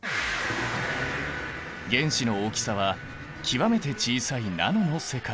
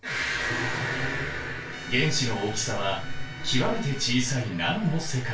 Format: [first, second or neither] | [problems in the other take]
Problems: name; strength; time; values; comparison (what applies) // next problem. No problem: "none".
first | background sound (Trumpet); 18 dB below the speech // room echo; dies away in 0.3 s